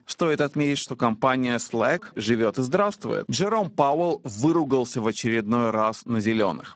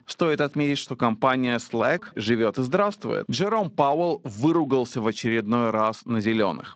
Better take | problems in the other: second | garbled, watery; badly; nothing above 7.5 kHz; slightly in the second

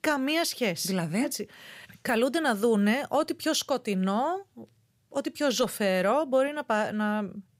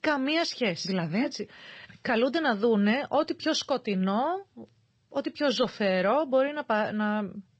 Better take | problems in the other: first | garbled, watery; slightly

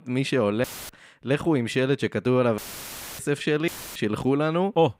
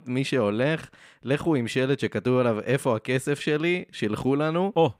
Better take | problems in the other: second | audio cutting out; filled with static; at 0.5 s, at 2.5 s for 0.5 s and at 3.5 s

